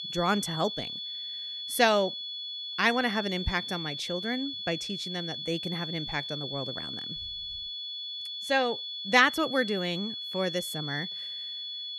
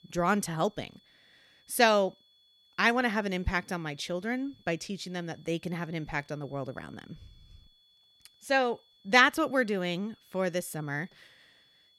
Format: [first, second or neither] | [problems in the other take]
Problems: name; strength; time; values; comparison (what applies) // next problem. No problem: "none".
second | high-pitched whine; loud; throughout; 3.5 kHz, 5 dB below the speech; faint in the second